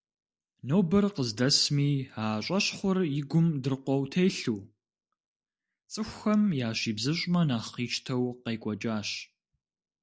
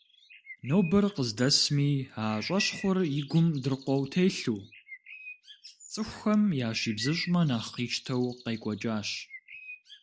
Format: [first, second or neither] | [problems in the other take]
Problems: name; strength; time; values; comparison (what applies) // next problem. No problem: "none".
first | background sound (Bird); 19 dB below the speech